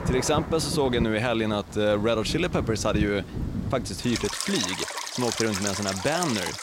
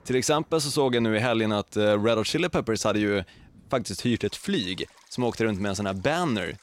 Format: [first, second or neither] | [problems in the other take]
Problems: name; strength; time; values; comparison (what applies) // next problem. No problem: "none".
second | rain or running water; loud; throughout; 5 dB below the speech; faint in the second